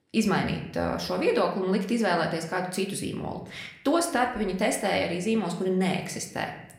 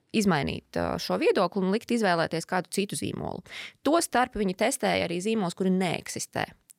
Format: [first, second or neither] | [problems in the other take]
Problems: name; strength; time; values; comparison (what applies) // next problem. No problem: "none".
second | room echo; slight; dies away in 0.6 s